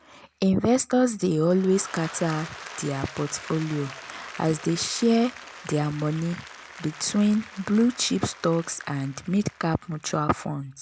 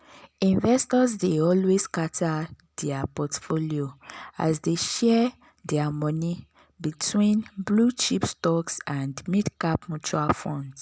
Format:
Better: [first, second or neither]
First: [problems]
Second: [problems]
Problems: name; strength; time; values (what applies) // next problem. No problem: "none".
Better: second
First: background sound (Applause / Crowd); 18 dB below the speech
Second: none